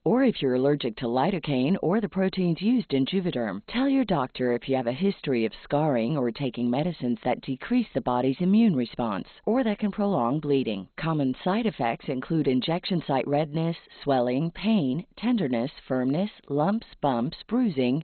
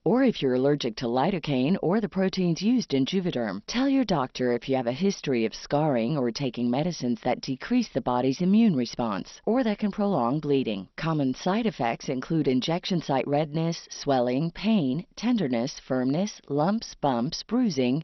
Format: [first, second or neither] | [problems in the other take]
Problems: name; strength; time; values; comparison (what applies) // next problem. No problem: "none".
second | garbled, watery; badly; nothing above 4 kHz; slightly in the second